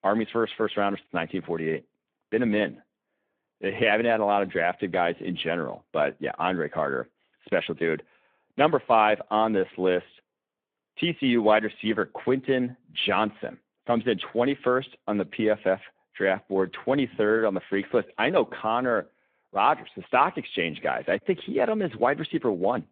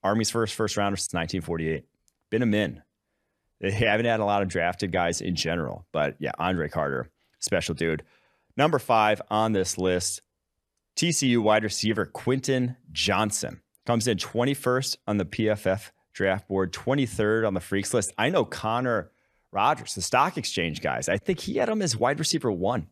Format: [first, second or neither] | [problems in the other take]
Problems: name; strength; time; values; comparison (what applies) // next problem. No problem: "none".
second | phone-call audio